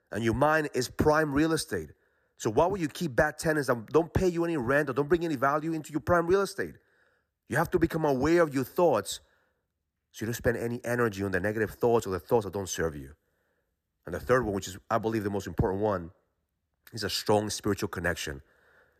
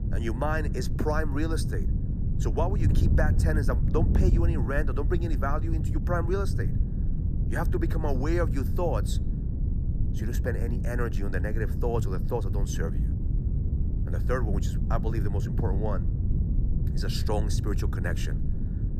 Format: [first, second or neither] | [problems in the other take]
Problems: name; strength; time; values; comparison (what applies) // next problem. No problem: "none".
first | wind noise on the microphone; heavy; 8 dB below the speech